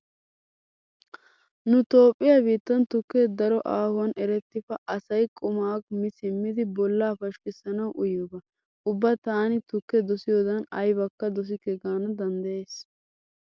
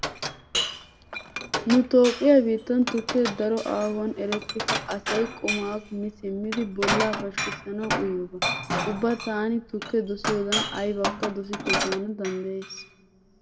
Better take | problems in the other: first | background sound (Glass); 5 dB below the speech // room echo; dies away in 0.7 s

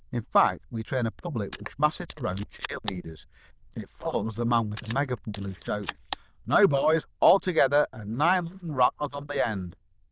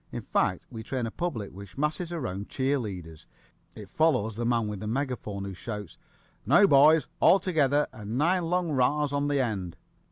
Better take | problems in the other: second | noise reduction (neural diffusion model UNIVERSE++)

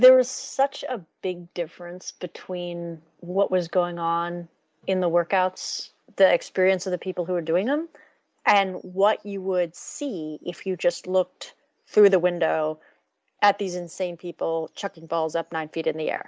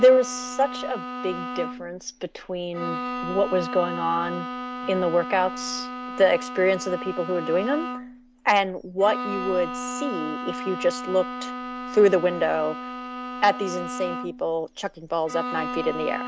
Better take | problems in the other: first | background sound (Bowed string instrument); 8 dB below the speech

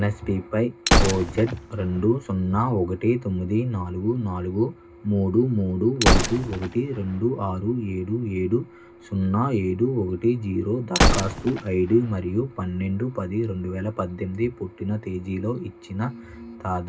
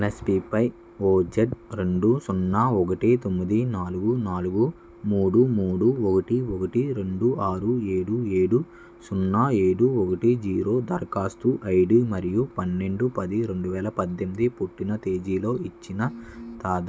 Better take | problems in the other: second | background sound (Gunshot, gunfire); 2 dB below the speech // room echo; dies away in 0.2 s

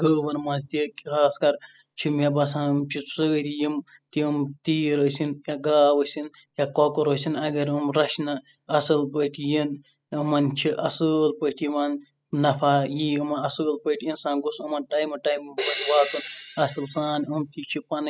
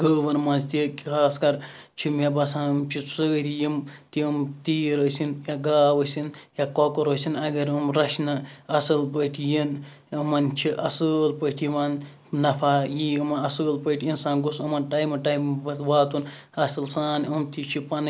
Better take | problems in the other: second | noise reduction (classical method spectral subtraction)

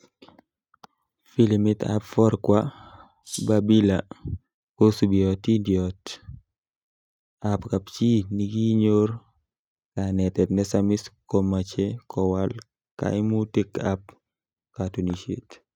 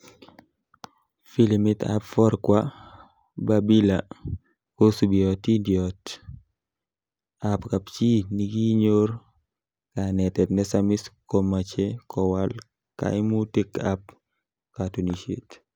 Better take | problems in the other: second | noise reduction (neural mask model RNNoise)

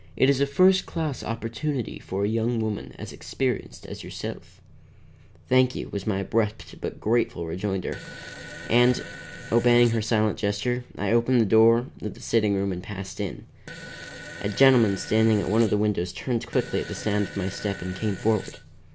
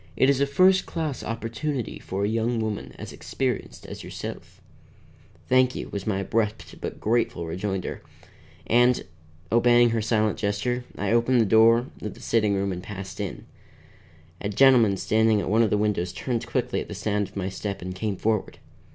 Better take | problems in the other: second | background sound (Fart); 15 dB below the speech

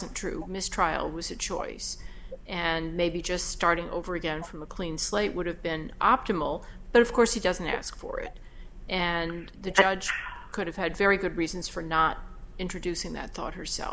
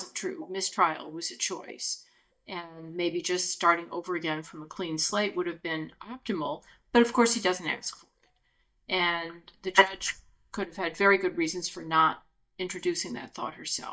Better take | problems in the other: first | noise reduction (neural mask model DeepFilterNet 3)

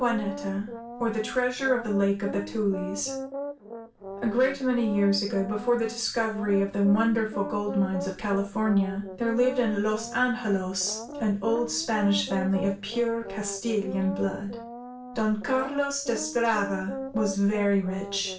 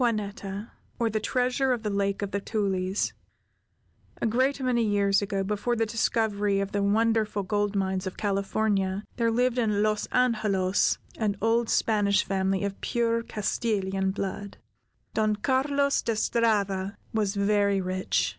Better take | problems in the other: second | background sound (Brass instrument); 11 dB below the speech // room echo; dies away in 0.3 s

